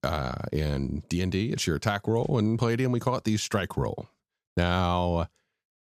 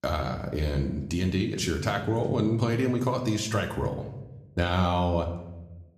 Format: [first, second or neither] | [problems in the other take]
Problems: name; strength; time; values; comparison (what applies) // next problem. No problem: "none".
first | room echo; slight; dies away in 0.7 s